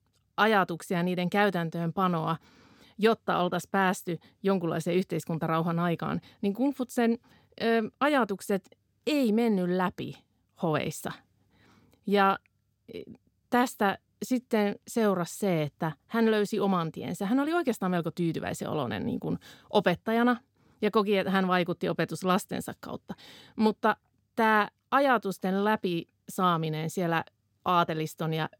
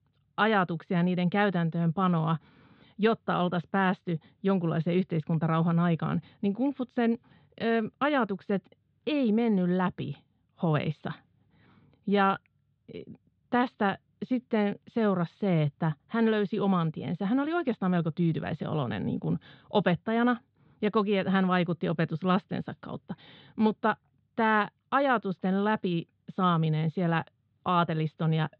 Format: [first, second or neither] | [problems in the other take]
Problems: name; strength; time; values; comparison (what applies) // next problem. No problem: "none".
first | muffled; slightly; fading above 3.5 kHz